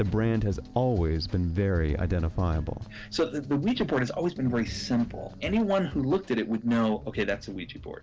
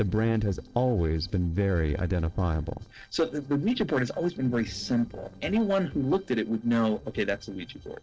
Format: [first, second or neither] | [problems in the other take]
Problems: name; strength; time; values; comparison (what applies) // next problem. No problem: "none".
first | noise reduction (neural separator model SepFormer DNS4)